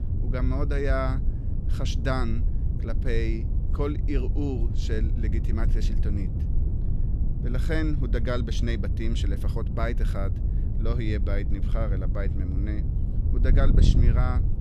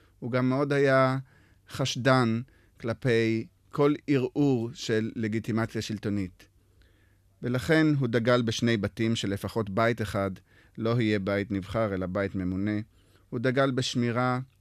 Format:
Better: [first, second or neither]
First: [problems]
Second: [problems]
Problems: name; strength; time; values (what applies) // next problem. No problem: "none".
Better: second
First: wind noise on the microphone; heavy; 8 dB below the speech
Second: none